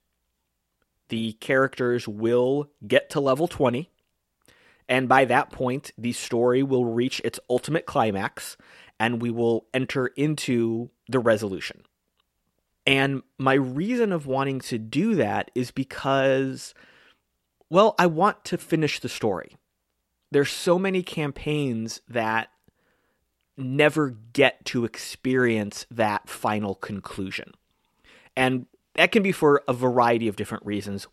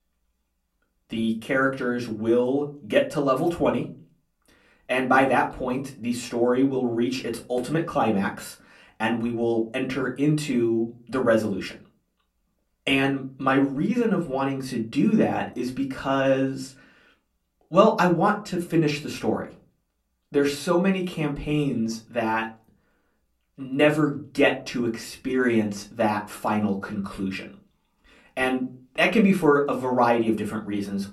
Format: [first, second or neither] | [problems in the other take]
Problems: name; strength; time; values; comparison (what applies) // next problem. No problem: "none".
first | off-mic speech; far // room echo; very slight; dies away in 0.3 s